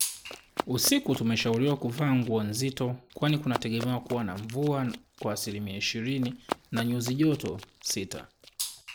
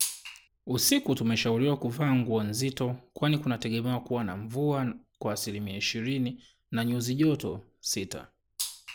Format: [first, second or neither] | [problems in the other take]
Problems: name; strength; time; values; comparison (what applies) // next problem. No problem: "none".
second | background sound (Run); 14 dB below the speech